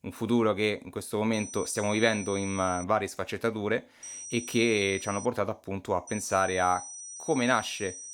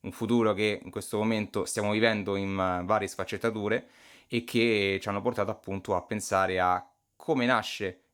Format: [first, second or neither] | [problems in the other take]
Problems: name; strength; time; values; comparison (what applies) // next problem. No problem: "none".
second | high-pitched whine; noticeable; from 1.5 to 3 s, from 4 to 5.5 s and from 6 s on; 6 kHz, 10 dB below the speech